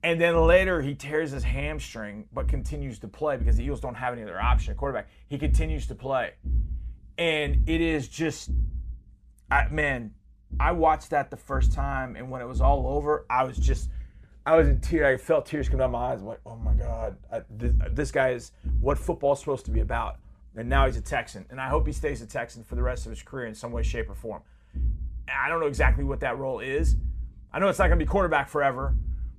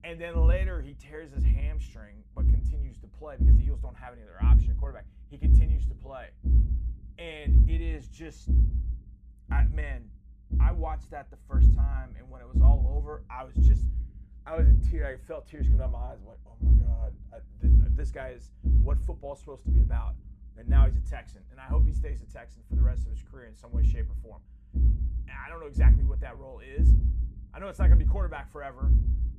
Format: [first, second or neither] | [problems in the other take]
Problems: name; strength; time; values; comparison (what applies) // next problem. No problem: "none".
first | low rumble; loud; throughout; 3 dB below the speech; faint in the first